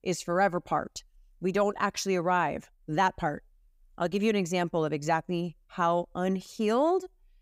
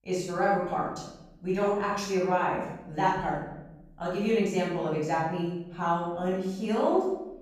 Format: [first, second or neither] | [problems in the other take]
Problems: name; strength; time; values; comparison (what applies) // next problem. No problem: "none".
first | room echo; noticeable; dies away in 0.9 s // off-mic speech; far